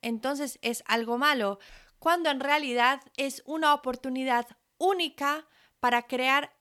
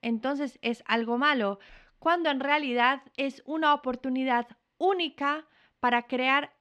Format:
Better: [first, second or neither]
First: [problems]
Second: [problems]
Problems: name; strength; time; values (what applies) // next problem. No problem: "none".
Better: first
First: none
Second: muffled; slightly; fading above 3 kHz